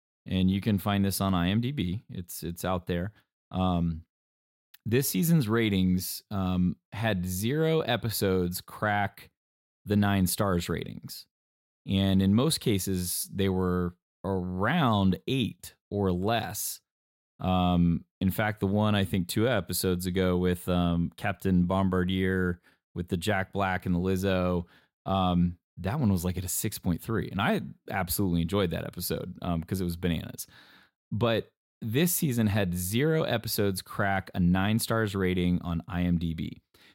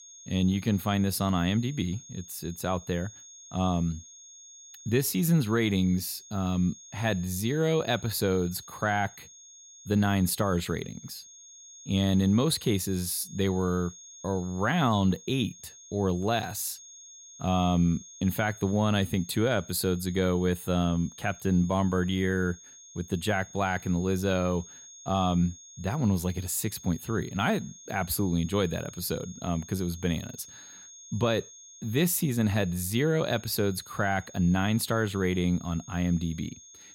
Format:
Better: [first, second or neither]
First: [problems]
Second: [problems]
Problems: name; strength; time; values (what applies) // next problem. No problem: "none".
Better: first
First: none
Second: high-pitched whine; noticeable; throughout; 6.5 kHz, 20 dB below the speech